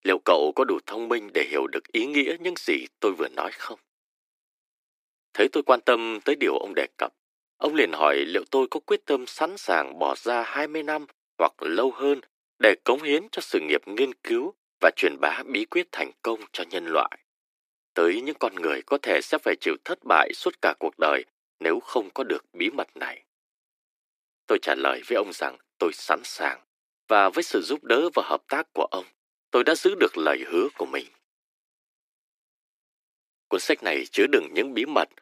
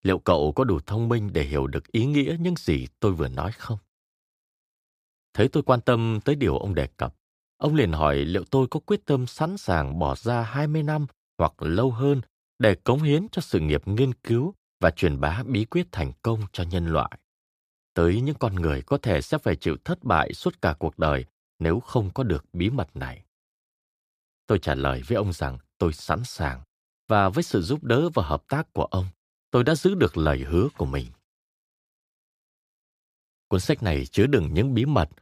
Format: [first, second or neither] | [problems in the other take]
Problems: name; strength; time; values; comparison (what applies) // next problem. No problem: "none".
second | thin; somewhat; fading below 300 Hz